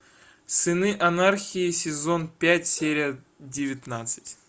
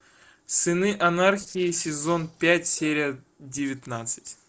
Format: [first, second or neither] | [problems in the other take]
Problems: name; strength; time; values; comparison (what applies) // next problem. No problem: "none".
first | noise reduction (neural separator model SepFormer DNS4)